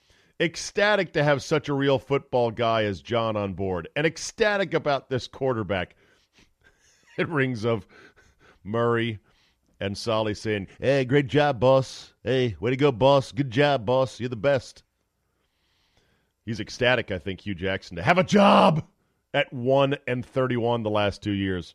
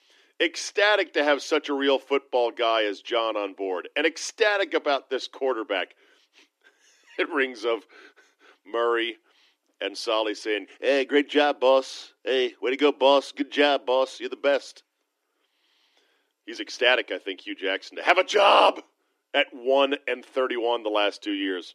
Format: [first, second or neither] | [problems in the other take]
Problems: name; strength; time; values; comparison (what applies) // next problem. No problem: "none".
first | thin; somewhat; fading below 300 Hz